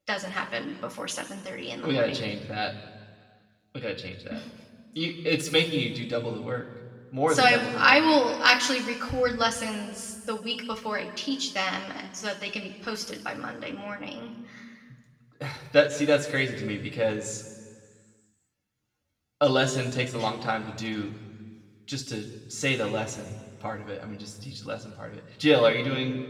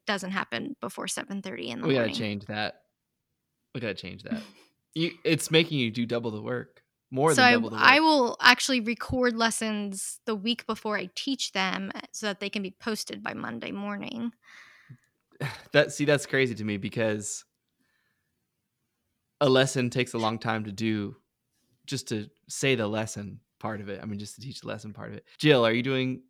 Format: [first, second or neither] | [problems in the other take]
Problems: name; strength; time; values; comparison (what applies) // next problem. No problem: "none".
second | room echo; noticeable; dies away in 1.5 s // off-mic speech; somewhat distant